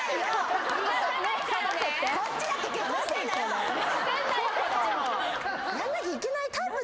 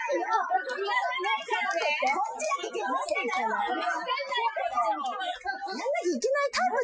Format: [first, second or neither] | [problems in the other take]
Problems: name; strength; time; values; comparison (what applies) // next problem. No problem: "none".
first | noise reduction (classical method Wiener filter)